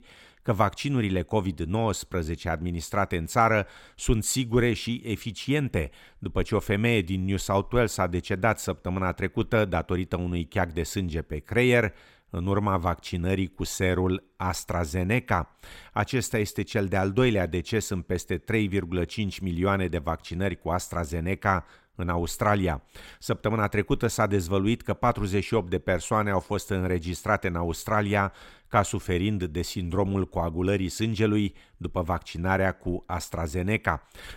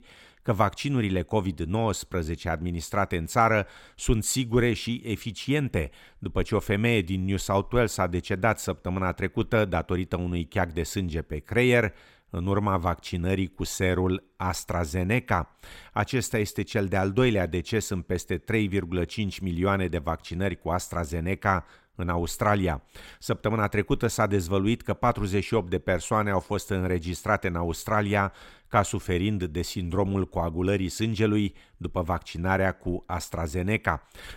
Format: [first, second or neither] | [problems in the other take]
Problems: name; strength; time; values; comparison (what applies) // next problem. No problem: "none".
neither | none